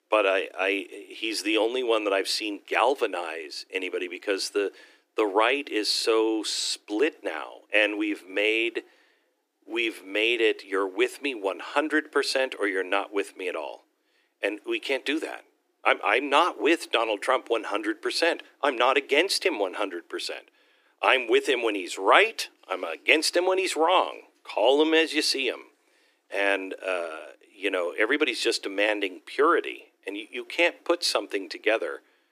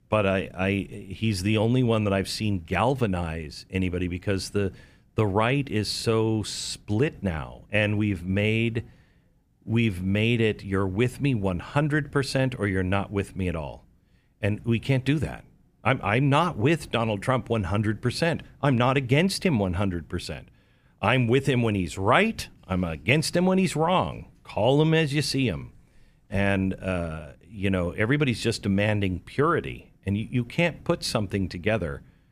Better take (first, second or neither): second